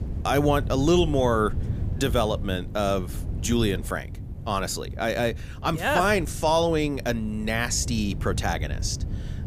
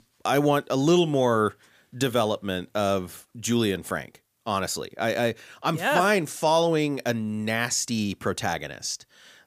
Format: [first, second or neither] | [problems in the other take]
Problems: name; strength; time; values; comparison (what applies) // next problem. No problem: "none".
second | wind noise on the microphone; occasional gusts; 20 dB below the speech